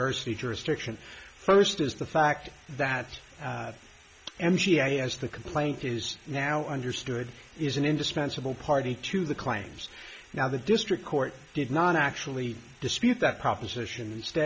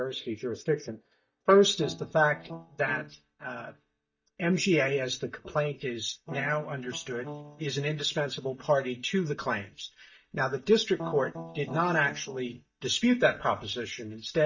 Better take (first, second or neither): first